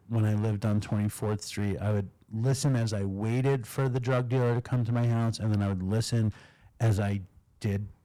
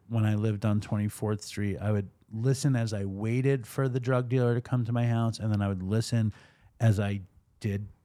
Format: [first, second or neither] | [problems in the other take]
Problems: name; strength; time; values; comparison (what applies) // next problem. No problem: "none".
second | distortion; slight; 9% of the sound clipped